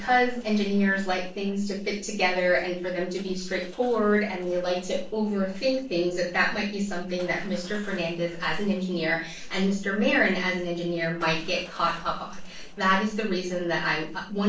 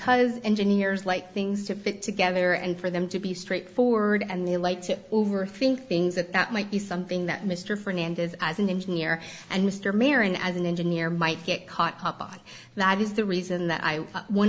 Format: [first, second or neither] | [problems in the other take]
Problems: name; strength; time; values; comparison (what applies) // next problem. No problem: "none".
second | noise reduction (neural separator model SepFormer DNS4)